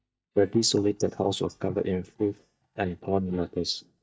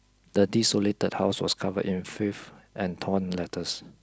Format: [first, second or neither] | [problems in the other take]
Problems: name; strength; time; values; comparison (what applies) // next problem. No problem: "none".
second | noise reduction (neural mask model DeepFilterNet 3)